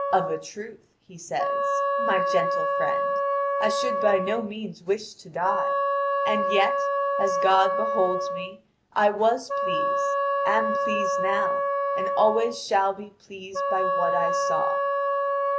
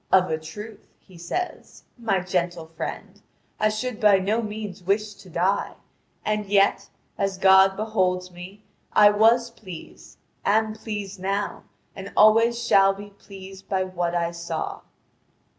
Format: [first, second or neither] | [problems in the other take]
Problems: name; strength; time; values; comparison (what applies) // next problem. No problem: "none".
second | background sound (Wind instrument, woodwind instrument); 2 dB above the speech